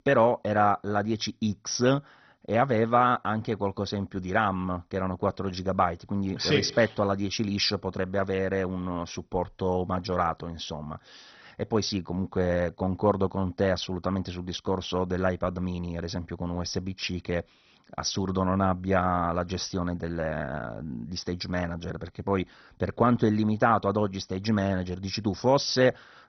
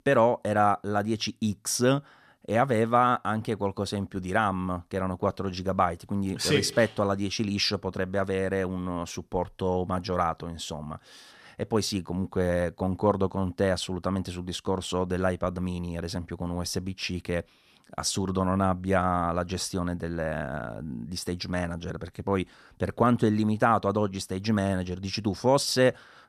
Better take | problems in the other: second | garbled, watery; badly; nothing above 6 kHz

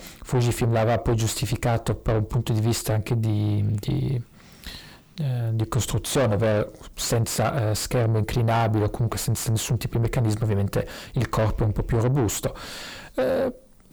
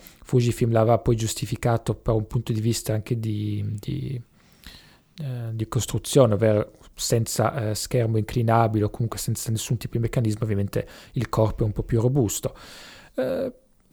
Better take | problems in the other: second | distortion; heavy; 5 dB below the speech

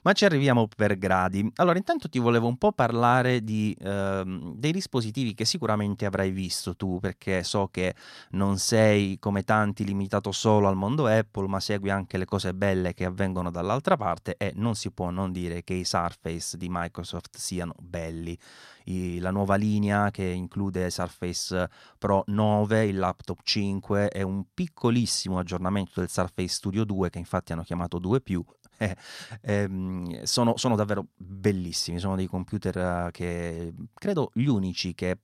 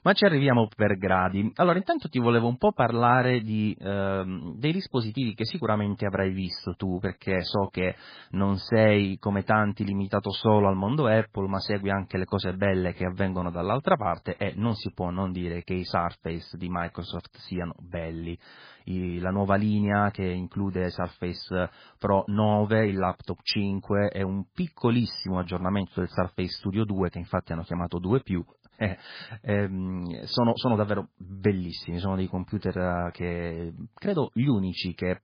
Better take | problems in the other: first | garbled, watery; badly; nothing above 5 kHz

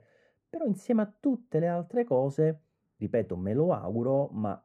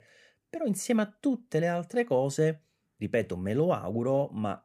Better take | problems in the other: second | muffled; very; fading above 1.5 kHz

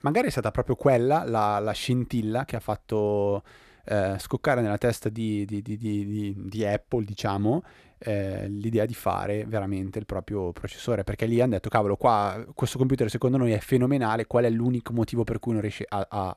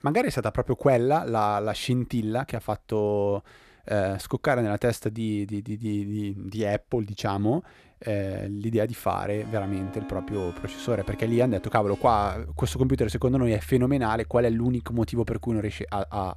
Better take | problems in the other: first | background music; noticeable; from 9.5 s on; 15 dB below the speech

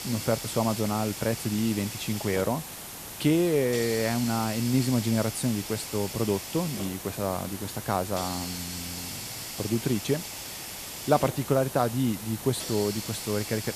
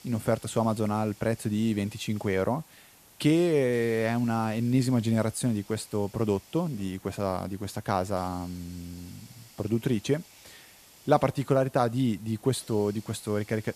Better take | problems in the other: second | hiss; loud; throughout; 7 dB below the speech; faint in the second

